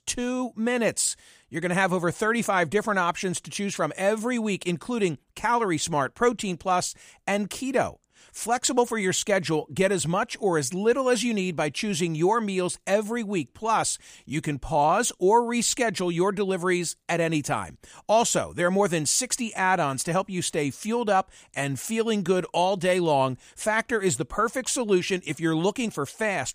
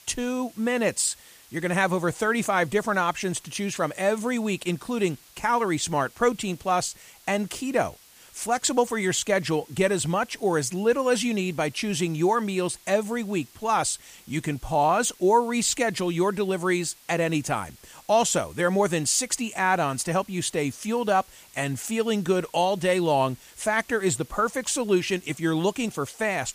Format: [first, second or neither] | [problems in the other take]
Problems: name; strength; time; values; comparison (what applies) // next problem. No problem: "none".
first | hiss; faint; throughout; 25 dB below the speech